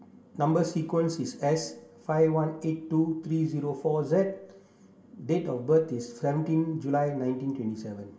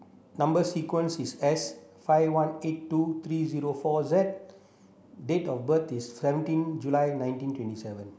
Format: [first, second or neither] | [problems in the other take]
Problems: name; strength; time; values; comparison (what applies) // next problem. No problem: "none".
second | room echo; dies away in 0.1 s